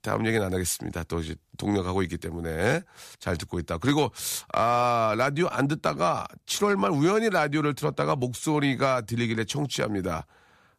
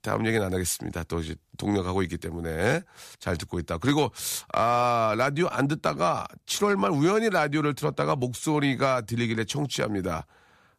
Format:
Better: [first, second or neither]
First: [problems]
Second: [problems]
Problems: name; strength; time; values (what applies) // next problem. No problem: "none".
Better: neither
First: none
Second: none